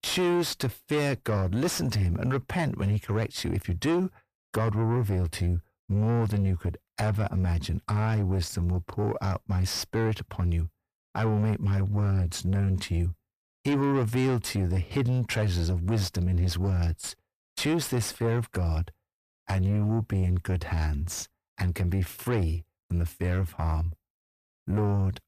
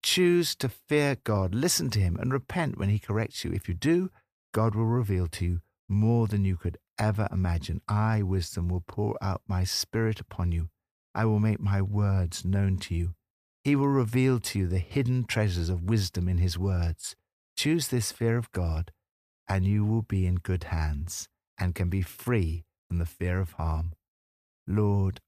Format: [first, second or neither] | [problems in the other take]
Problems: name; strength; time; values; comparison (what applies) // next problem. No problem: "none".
second | distortion; slight; 10 dB below the speech